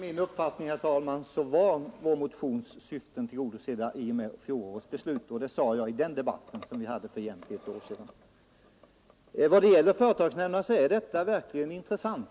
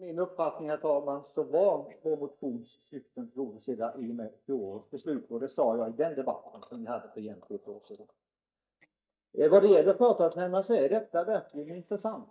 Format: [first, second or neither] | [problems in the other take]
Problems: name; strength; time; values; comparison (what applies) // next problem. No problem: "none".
first | noise reduction (neural mask model DeepFilterNet 3)